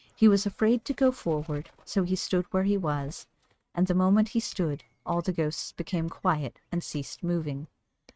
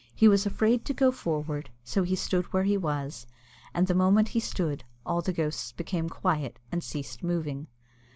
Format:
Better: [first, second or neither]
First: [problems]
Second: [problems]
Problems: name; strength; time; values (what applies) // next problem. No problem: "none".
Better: second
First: noise reduction (neural mask model RNNoise)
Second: none